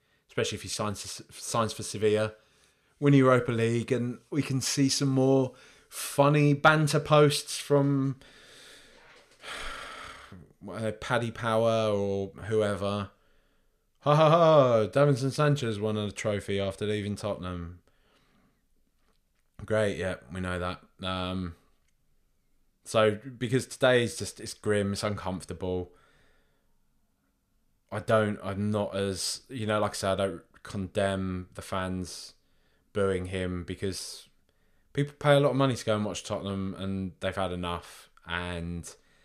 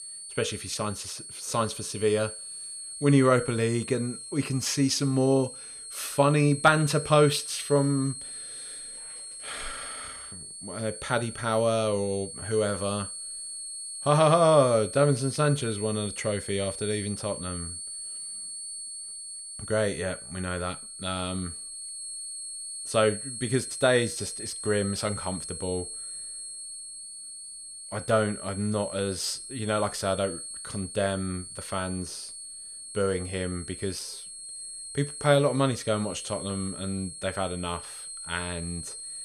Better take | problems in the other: first | high-pitched whine; loud; throughout; 8.5 kHz, 9 dB below the speech

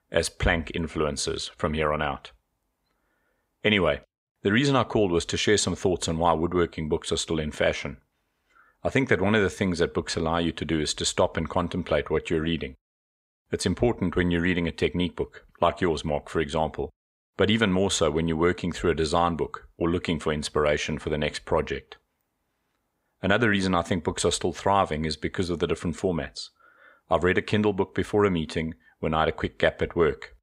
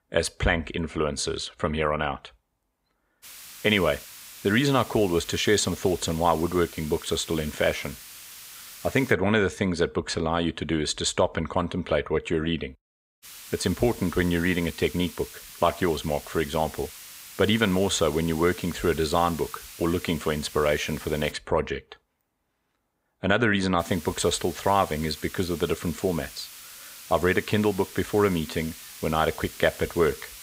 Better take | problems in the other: first | hiss; noticeable; from 3 to 9 s, from 13 to 21 s and from 24 s on; 15 dB below the speech

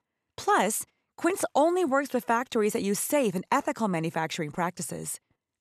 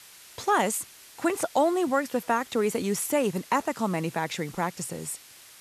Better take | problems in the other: first | hiss; noticeable; throughout; 20 dB below the speech

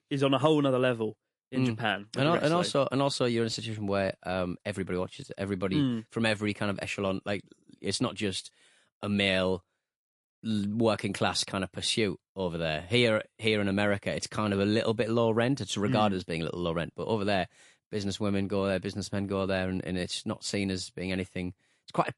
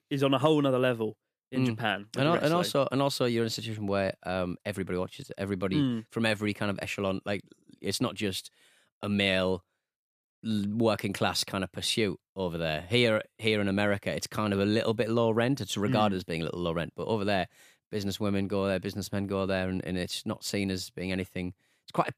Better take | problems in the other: second | garbled, watery; slightly; nothing above 11 kHz

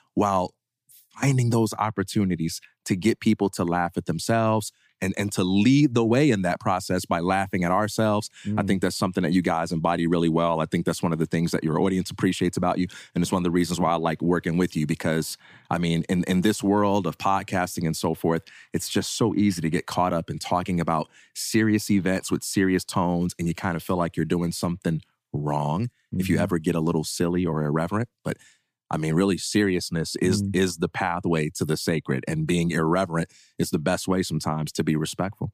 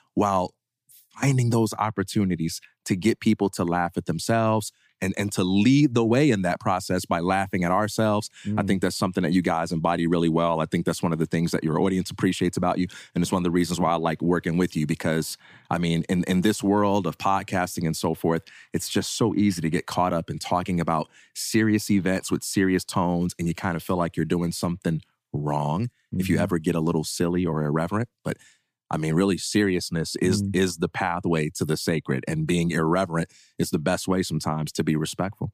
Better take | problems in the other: neither | none

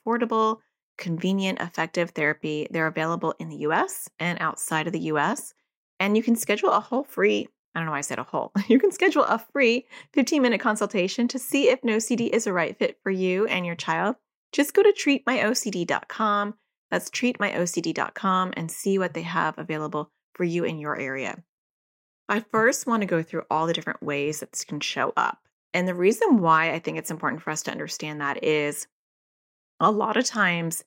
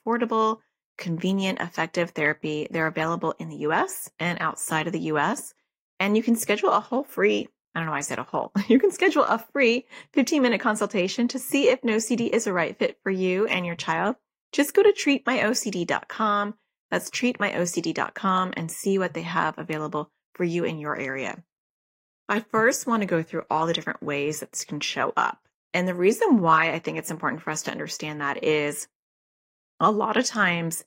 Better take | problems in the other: first | garbled, watery; slightly; nothing above 16 kHz

